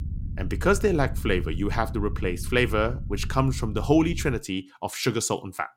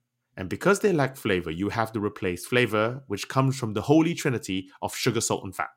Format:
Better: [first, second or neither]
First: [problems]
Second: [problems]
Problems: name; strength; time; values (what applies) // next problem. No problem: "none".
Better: second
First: low rumble; faint; until 4.5 s; 20 dB below the speech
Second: none